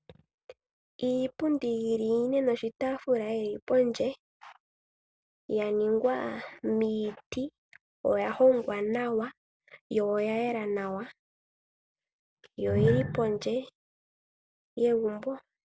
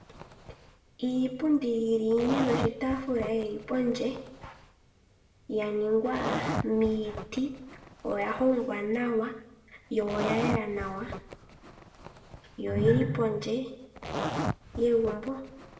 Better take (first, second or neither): first